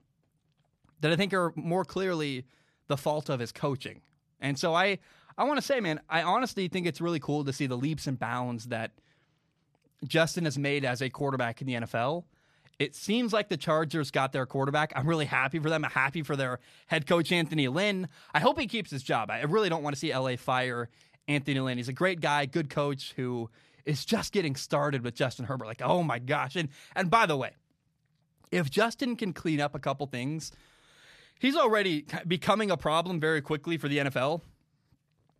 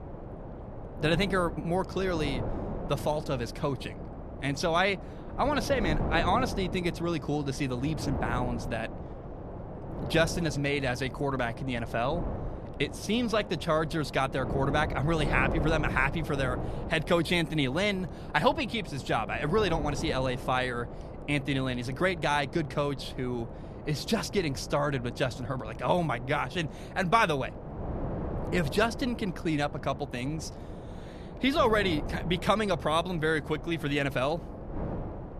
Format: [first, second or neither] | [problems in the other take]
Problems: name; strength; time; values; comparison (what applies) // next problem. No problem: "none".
first | wind noise on the microphone; occasional gusts; 10 dB below the speech